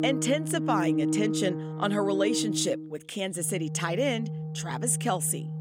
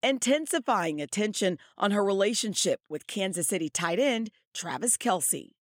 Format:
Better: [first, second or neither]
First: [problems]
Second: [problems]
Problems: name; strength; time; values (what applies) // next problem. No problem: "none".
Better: second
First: background music; loud; throughout; 3 dB below the speech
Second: none